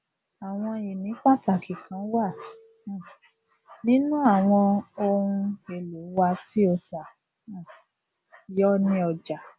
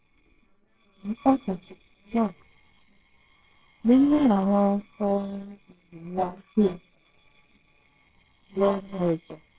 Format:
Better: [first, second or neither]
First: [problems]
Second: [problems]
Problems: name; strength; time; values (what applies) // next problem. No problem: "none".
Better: first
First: none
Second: noise reduction (neural separator model SepFormer WHAMR!)